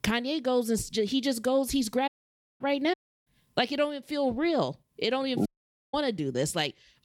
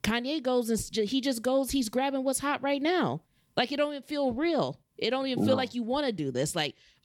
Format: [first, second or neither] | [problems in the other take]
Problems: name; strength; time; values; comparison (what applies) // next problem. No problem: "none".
second | audio cutting out; at 2 s for 0.5 s, at 3 s and at 5.5 s